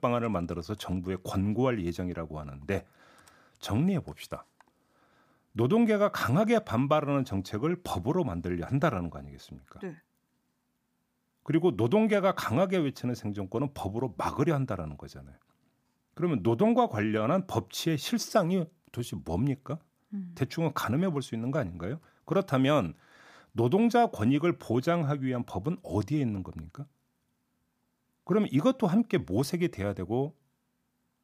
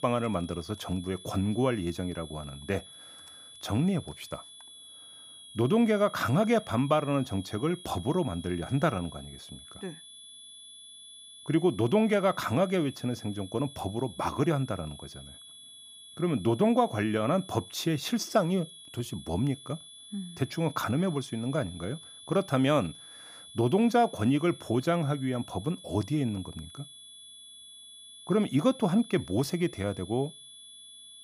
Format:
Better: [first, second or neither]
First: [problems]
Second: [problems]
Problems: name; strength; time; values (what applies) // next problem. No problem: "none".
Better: first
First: none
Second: high-pitched whine; noticeable; throughout; 3.5 kHz, 15 dB below the speech